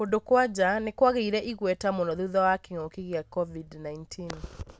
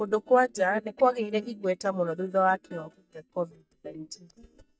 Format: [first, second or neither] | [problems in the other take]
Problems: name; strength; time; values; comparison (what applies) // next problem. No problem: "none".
first | noise reduction (neural mask model DeepFilterNet 3)